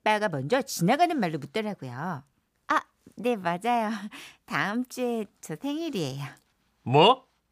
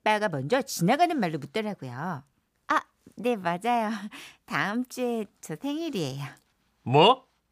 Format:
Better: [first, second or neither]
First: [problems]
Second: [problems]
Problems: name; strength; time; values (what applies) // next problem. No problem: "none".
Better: neither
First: none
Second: none